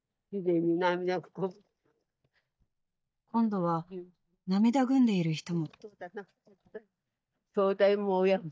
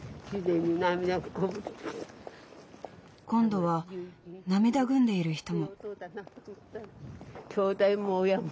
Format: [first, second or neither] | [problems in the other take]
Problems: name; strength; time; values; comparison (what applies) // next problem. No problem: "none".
second | noise reduction (neural mask model DeepFilterNet 3)